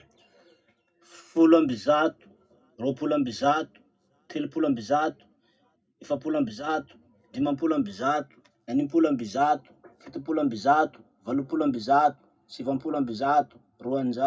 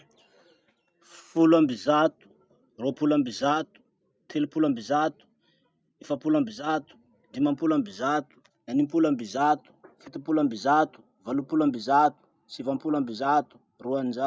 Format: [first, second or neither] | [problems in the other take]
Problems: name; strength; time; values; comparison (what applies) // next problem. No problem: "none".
second | room echo; dies away in 0.2 s